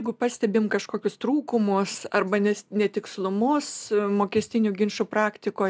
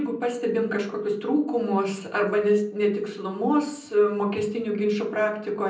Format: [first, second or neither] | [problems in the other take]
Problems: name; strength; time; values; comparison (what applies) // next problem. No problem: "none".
first | room echo; dies away in 0.6 s